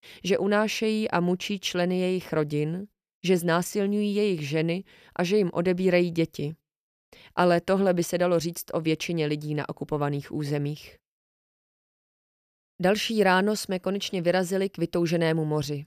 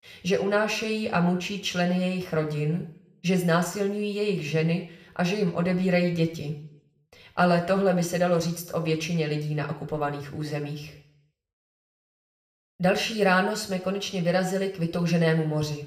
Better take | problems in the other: first | room echo; slight; dies away in 0.5 s // off-mic speech; somewhat distant

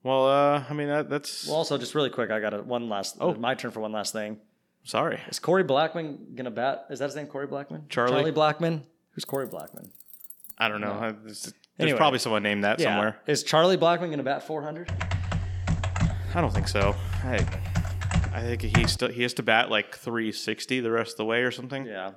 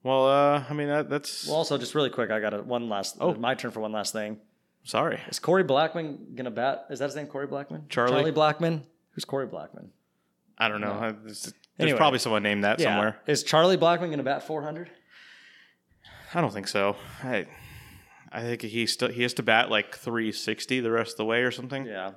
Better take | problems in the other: second | jangling keys; faint; from 9.5 to 11 s; peak 15 dB below the speech // keyboard typing; loud; from 15 to 19 s; peak 1 dB above the speech

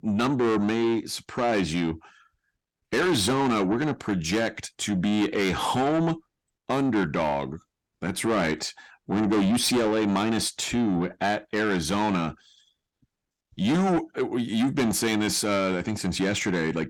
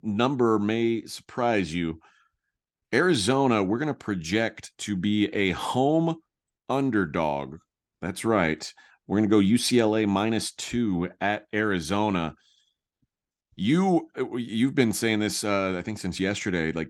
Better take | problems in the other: second | distortion; heavy; 7 dB below the speech

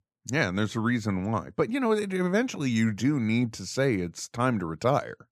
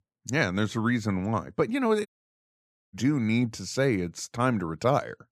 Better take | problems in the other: first | audio cutting out; at 2 s for 1 s

